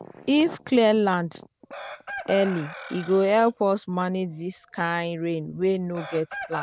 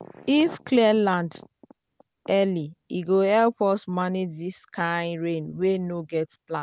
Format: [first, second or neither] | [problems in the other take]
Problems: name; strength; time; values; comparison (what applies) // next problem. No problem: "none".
second | background sound (Chicken, rooster); 16 dB below the speech